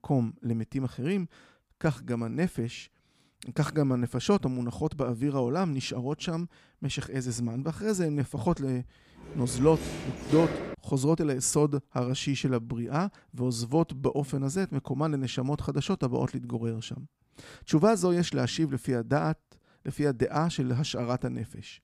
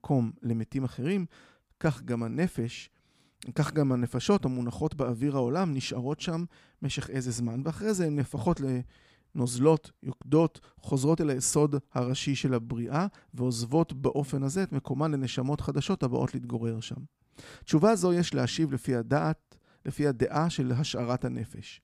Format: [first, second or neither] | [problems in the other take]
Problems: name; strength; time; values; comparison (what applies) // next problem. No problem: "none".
second | door banging; noticeable; from 9 to 11 s; peak 4 dB below the speech